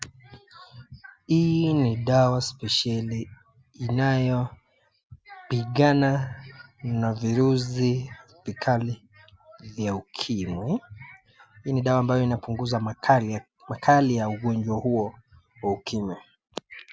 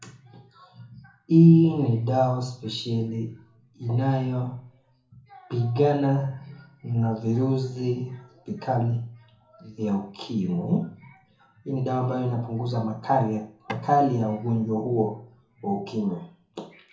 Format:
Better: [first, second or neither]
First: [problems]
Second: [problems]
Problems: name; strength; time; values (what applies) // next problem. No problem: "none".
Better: first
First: none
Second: background sound (Tap / Wood); 14 dB below the speech // room echo; dies away in 0.6 s